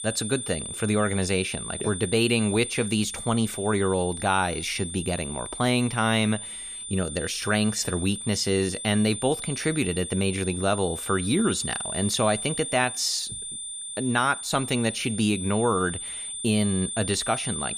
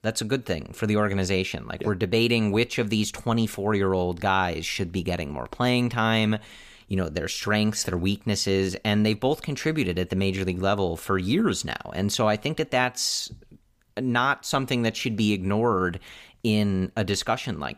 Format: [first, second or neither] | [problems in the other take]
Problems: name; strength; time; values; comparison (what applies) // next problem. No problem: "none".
second | high-pitched whine; loud; throughout; 9 kHz, 6 dB below the speech